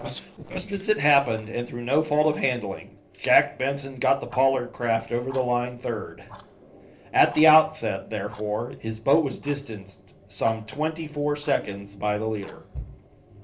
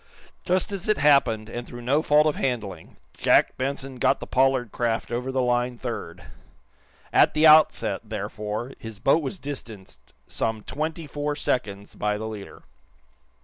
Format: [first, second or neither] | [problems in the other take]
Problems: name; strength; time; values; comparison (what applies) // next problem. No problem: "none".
second | noise reduction (neural separator model SepFormer DNS4)